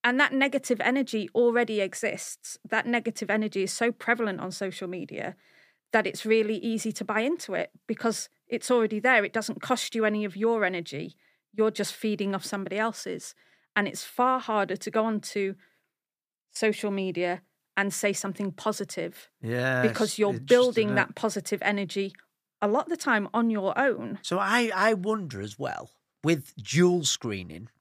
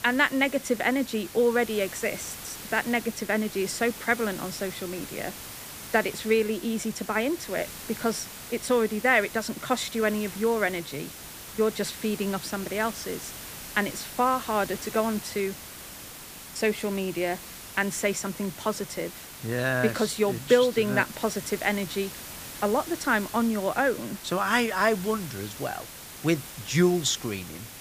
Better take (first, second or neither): first